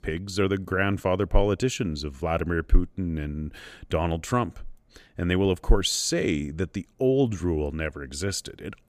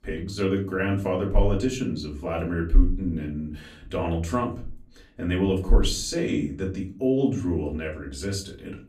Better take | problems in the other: first | off-mic speech; far // room echo; very slight; dies away in 0.4 s

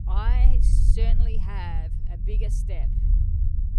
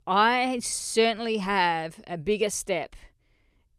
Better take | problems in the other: second | low rumble; loud; throughout; 5 dB below the speech

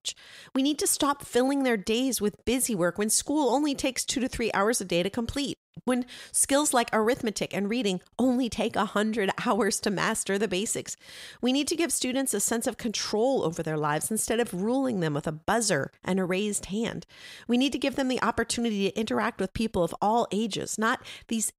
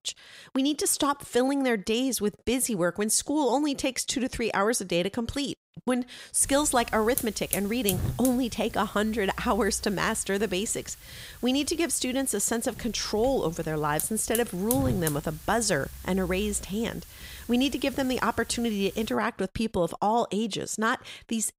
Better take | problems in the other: first | hiss; noticeable; from 6.5 to 19 s; 10 dB below the speech

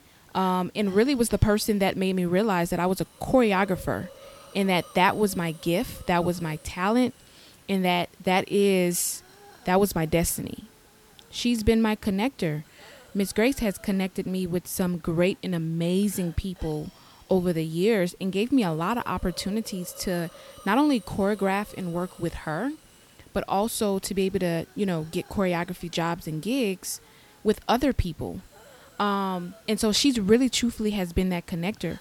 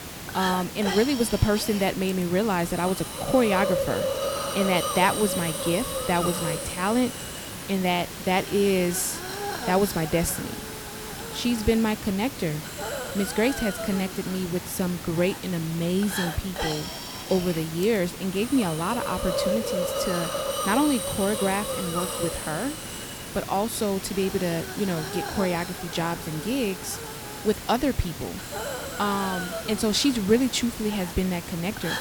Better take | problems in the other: first | hiss; loud; throughout; 5 dB below the speech; faint in the first

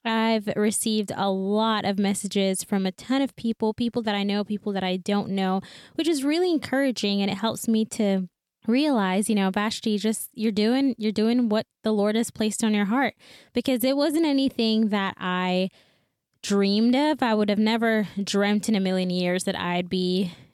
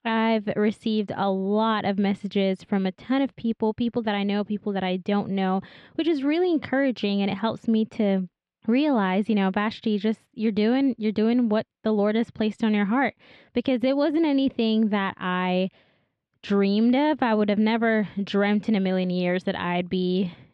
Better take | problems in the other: first | muffled; slightly; fading above 3 kHz

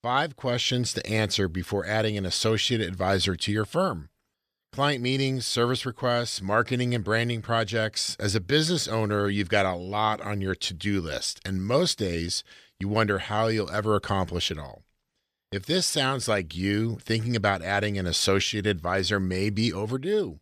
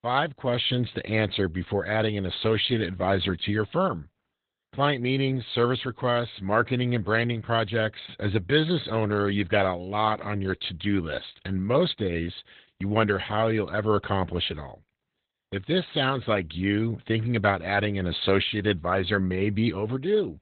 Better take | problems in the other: first | garbled, watery; badly; nothing above 4 kHz

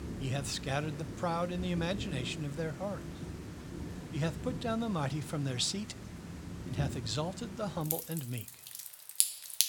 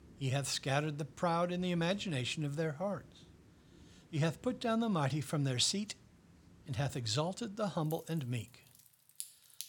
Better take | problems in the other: second | rain or running water; loud; throughout; 4 dB below the speech; faint in the second

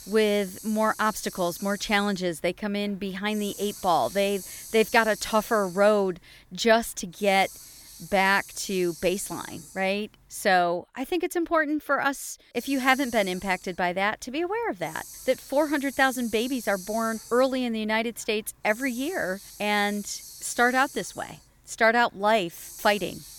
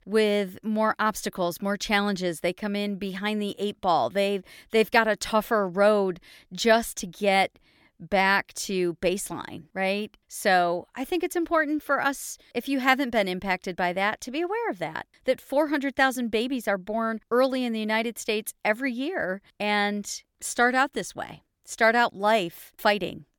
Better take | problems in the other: second | hiss; noticeable; until 11 s and from 13 s on; 15 dB below the speech

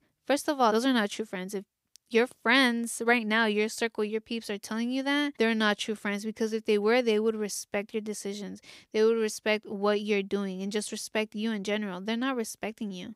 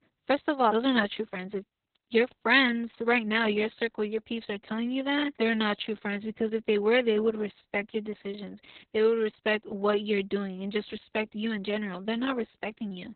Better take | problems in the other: first | garbled, watery; badly; nothing above 4 kHz

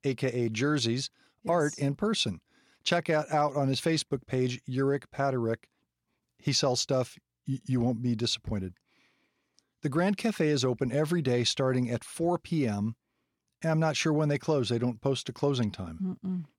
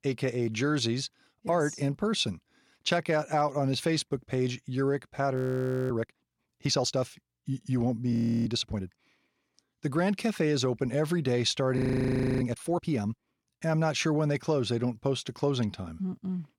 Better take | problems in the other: first | audio freezing; at 5.5 s for 0.5 s, at 8 s and at 12 s for 0.5 s

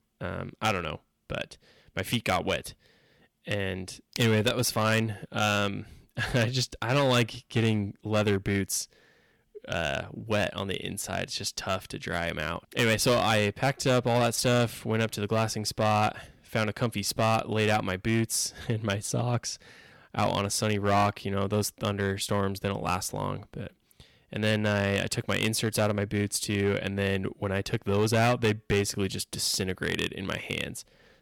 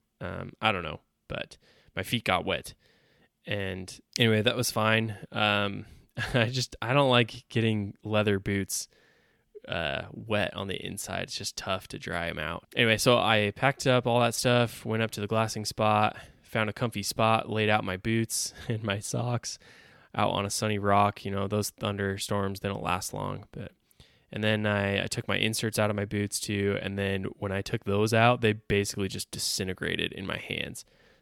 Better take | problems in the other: second | distortion; slight; 4% of the sound clipped

